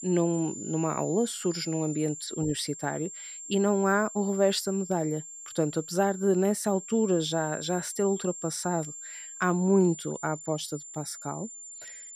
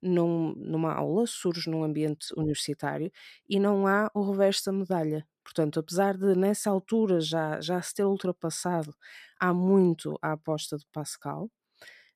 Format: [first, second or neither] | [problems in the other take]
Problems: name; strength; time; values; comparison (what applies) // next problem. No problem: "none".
second | high-pitched whine; noticeable; throughout; 7.5 kHz, 10 dB below the speech